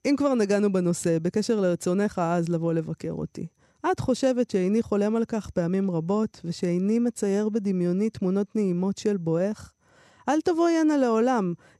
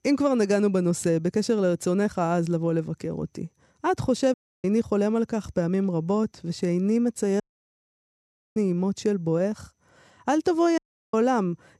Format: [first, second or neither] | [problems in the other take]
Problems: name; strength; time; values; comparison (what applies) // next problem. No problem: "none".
first | audio cutting out; at 4.5 s, at 7.5 s for 1 s and at 11 s